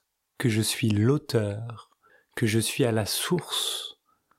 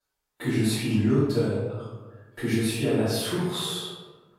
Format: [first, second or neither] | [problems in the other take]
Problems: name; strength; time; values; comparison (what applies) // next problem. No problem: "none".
first | off-mic speech; far // room echo; strong; dies away in 1 s